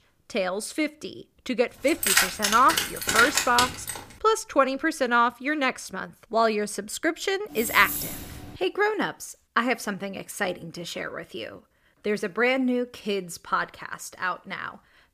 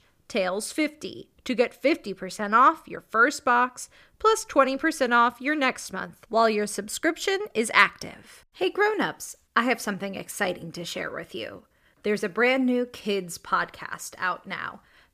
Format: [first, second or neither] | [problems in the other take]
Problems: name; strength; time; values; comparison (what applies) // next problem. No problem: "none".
second | jangling keys; loud; from 2 to 4 s; peak 5 dB above the speech // jangling keys; noticeable; from 7.5 to 8.5 s; peak 3 dB below the speech